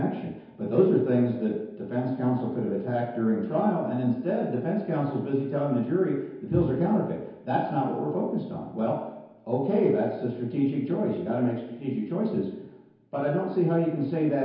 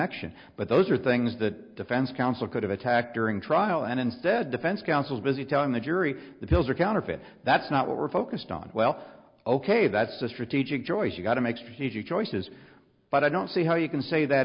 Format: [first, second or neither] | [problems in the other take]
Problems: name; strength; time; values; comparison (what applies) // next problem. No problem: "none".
second | room echo; dies away in 1 s